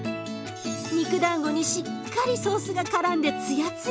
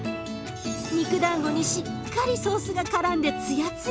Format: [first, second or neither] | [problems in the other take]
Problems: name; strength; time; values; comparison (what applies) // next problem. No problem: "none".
first | background sound (Motorcycle); 12 dB below the speech